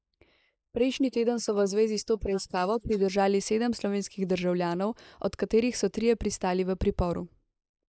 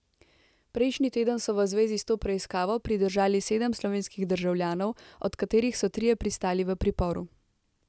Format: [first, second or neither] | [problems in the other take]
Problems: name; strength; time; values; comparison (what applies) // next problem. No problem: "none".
second | noise reduction (neural mask model Resemble Enhance denoiser)